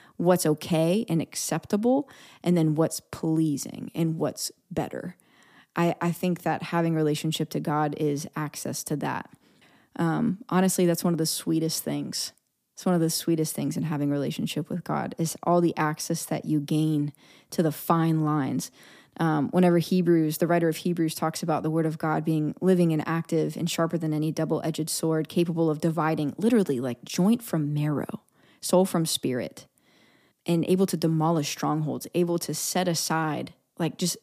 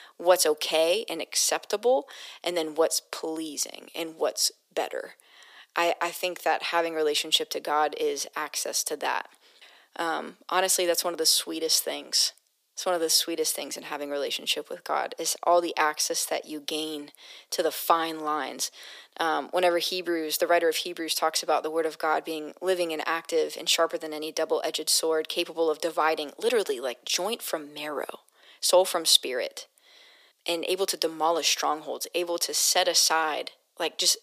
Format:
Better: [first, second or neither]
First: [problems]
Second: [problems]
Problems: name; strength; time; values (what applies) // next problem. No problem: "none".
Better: first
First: none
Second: thin; very; fading below 450 Hz